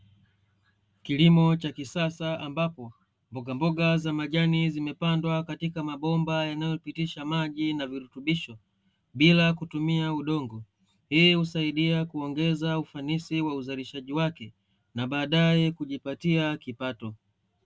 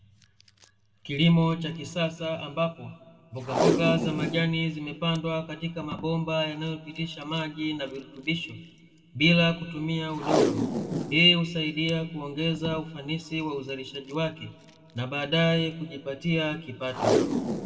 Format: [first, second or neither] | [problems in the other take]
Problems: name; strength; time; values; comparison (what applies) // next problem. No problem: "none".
first | background sound (Packing tape, duct tape); 5 dB below the speech // room echo; dies away in 1.5 s